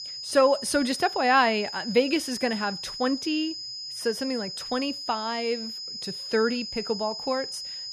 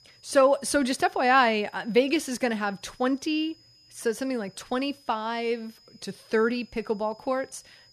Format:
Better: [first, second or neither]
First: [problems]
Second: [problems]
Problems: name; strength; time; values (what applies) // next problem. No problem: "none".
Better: second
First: high-pitched whine; loud; throughout; 5 kHz, 7 dB below the speech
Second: high-pitched whine; faint; throughout; 5 kHz, 30 dB below the speech